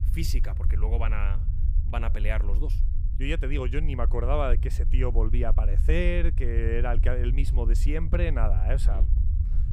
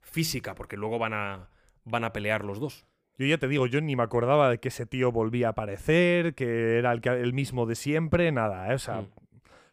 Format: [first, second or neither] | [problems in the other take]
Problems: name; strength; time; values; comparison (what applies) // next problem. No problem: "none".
second | low rumble; noticeable; throughout; 15 dB below the speech